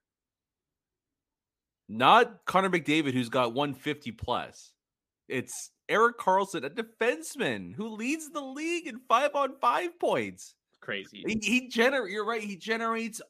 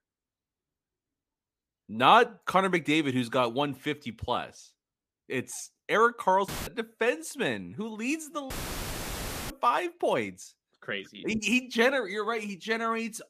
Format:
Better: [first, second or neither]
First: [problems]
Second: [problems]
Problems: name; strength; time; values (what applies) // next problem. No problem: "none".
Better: first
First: none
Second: audio cutting out; filled with static; at 6.5 s and at 8.5 s for 1 s